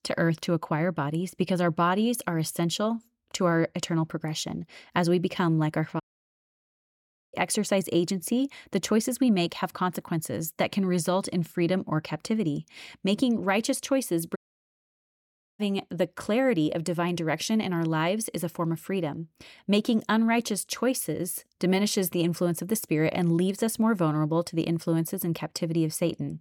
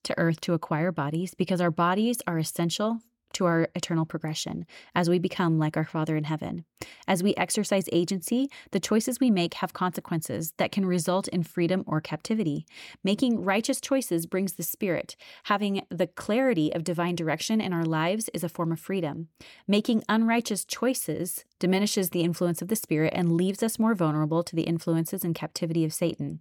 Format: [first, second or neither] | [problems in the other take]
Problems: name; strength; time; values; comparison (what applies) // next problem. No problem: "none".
second | audio cutting out; at 6 s for 1.5 s and at 14 s for 1 s